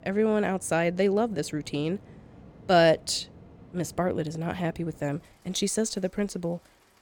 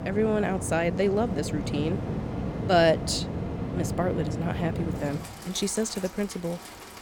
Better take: first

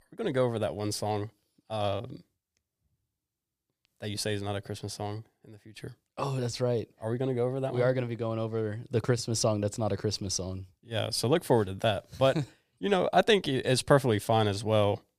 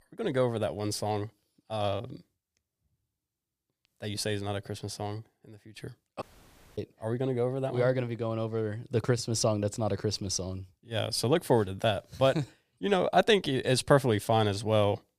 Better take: first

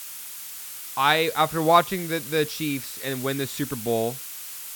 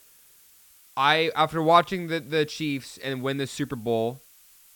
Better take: second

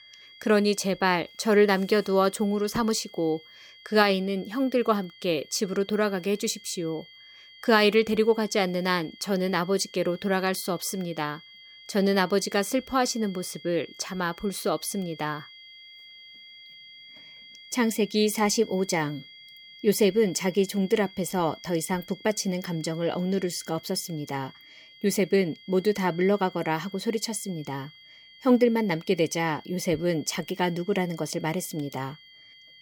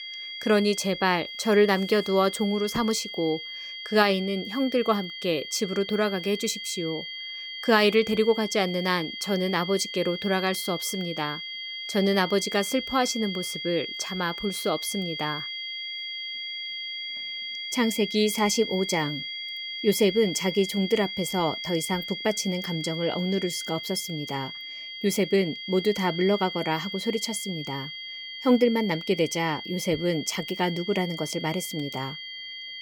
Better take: first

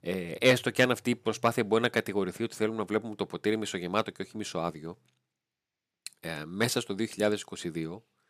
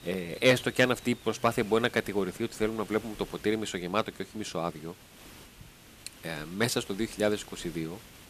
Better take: first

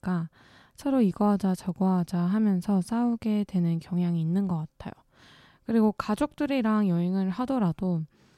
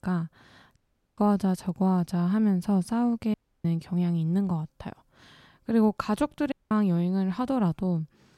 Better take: first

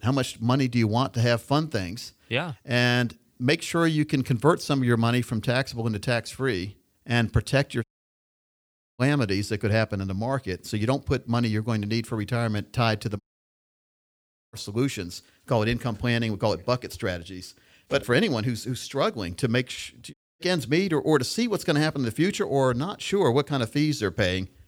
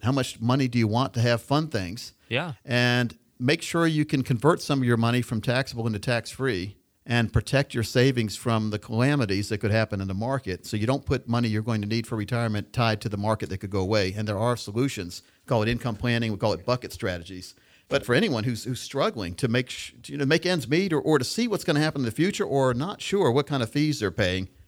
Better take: second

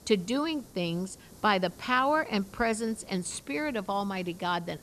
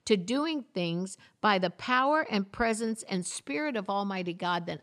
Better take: second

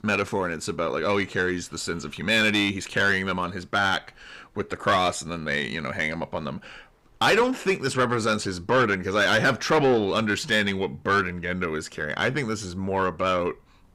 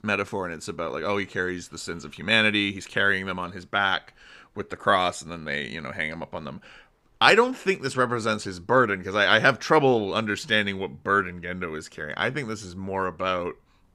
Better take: second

